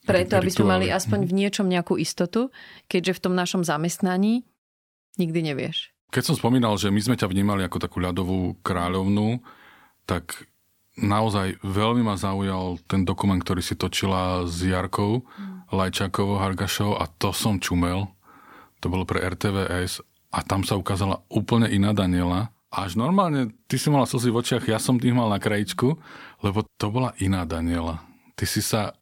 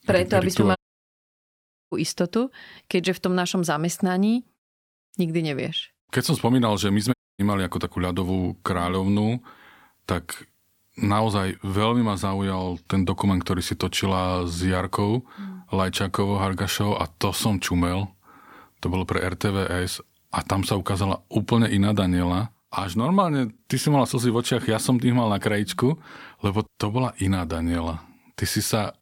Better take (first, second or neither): first